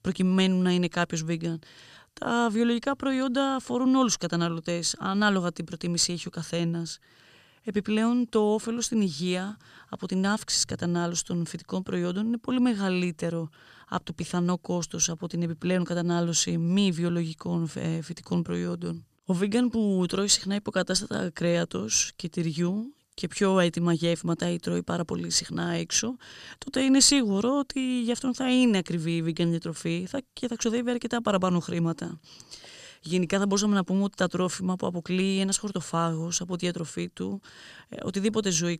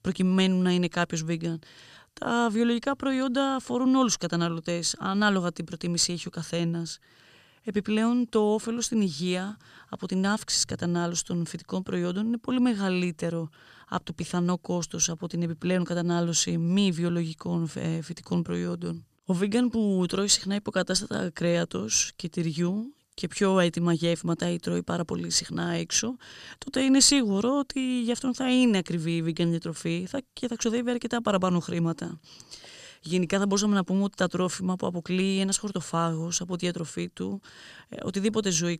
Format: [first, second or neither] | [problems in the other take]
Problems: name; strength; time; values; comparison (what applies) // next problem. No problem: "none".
neither | none